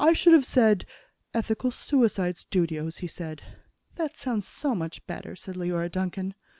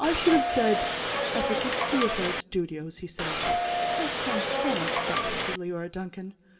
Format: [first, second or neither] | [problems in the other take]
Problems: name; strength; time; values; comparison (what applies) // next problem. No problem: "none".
first | background sound (Subway, metro, underground / Doorbell); 3 dB above the speech // room echo; dies away in 0.3 s